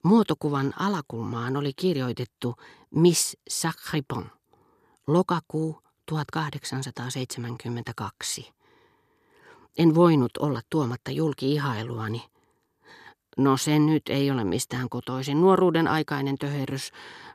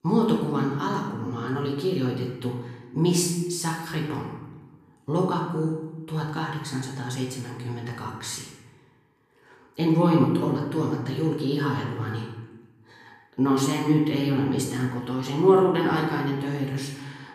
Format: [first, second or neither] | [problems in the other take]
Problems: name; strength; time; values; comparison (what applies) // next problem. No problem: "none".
first | room echo; noticeable; dies away in 0.9 s // off-mic speech; far